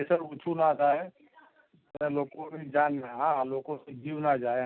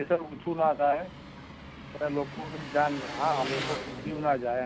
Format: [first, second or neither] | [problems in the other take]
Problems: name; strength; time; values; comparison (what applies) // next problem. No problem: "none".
first | background sound (Engine); 9 dB below the speech